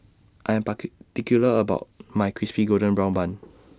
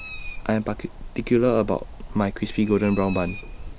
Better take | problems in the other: first | background sound (Bird); 11 dB below the speech

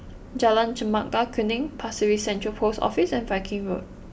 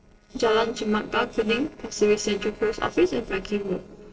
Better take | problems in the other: first | noise reduction (neural separator model SepFormer DNS4)

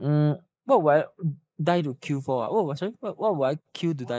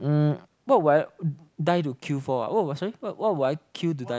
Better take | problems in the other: second | noise reduction (neural mask model Resemble Enhance denoiser)

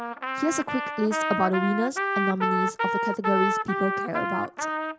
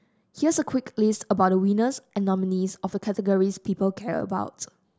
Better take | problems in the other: second | background sound (Trumpet); as loud as the speech

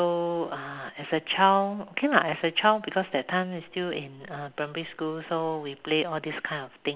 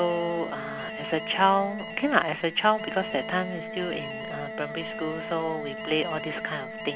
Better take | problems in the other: first | background sound (Alarm + Wind instrument, woodwind instrument); 8 dB below the speech

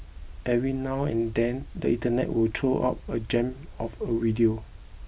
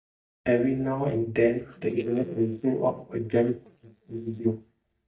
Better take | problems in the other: first | noise reduction (neural mask model DeepFilterNet 3)

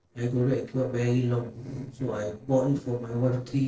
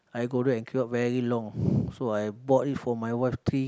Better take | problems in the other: second | noise reduction (neural separator model SepFormer DNS4)

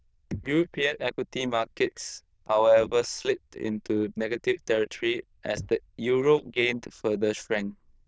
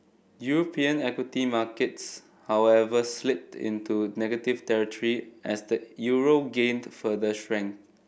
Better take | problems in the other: second | noise reduction (neural diffusion model UNIVERSE++)

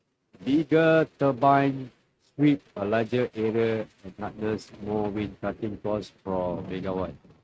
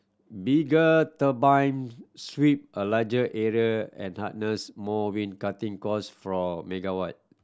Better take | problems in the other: second | noise reduction (neural mask model RNNoise)

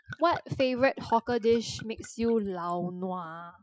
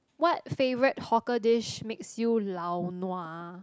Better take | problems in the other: second | noise reduction (classical method Wiener filter)

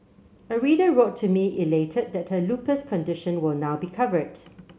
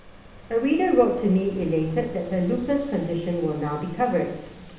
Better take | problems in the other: first | background sound (Ocean); 19 dB below the speech // room echo; dies away in 0.8 s

